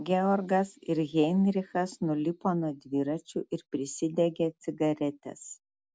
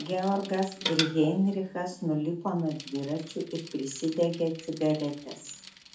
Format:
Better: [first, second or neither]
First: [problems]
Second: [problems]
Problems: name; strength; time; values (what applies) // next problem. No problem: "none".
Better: first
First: none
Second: background sound (Bicycle); 12 dB below the speech // room echo; dies away in 0.4 s